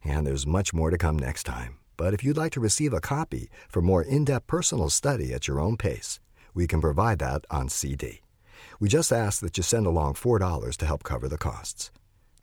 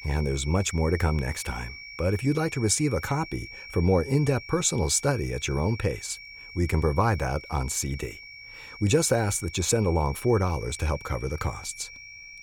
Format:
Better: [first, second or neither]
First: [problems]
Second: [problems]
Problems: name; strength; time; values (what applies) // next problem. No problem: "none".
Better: first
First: none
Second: high-pitched whine; noticeable; throughout; 2.5 kHz, 15 dB below the speech